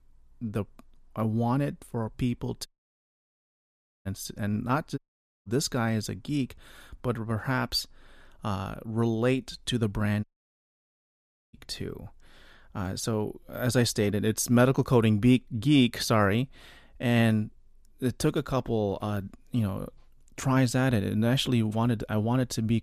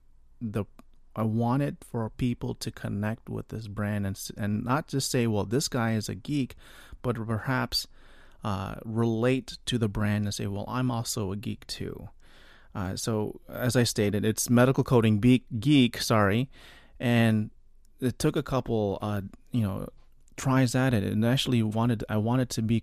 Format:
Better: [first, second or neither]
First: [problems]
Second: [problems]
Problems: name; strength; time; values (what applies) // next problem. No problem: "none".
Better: second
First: audio cutting out; at 2.5 s for 1.5 s, at 5 s and at 10 s for 1.5 s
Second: none